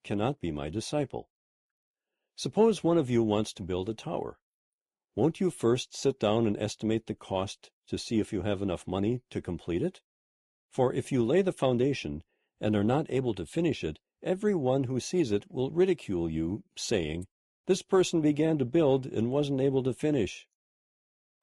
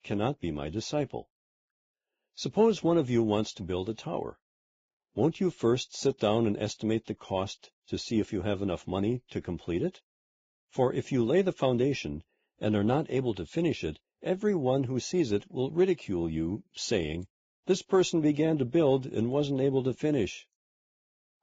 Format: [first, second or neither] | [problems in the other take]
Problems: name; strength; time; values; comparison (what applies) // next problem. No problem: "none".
first | garbled, watery; badly; nothing above 7.5 kHz; slightly in the first